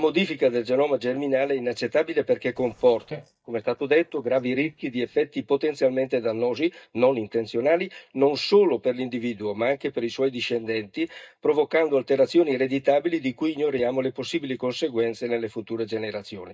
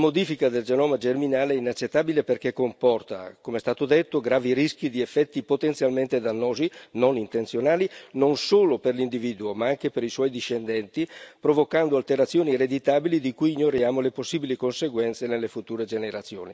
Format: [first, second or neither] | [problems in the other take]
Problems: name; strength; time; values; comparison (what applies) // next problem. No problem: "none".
second | noise reduction (neural mask model DeepFilterNet 3)